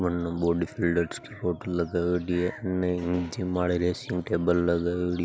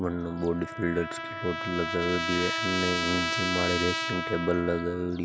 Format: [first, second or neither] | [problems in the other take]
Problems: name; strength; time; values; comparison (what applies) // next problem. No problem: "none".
first | background sound (Trumpet); 2 dB below the speech